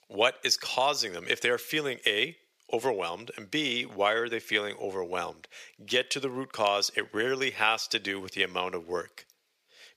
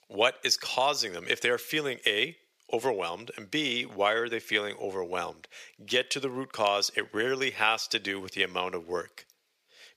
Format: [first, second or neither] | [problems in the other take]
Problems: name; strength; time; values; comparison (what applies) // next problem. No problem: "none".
neither | thin; very; fading below 550 Hz; the same in both